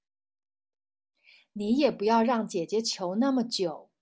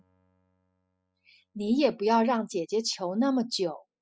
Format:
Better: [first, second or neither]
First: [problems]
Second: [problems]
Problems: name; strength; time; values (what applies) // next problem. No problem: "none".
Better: first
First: none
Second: noise reduction (classical method spectral subtraction)